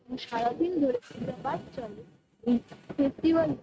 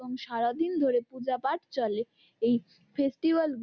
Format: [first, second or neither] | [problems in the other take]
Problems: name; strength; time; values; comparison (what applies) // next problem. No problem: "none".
second | noise reduction (neural mask model RNNoise)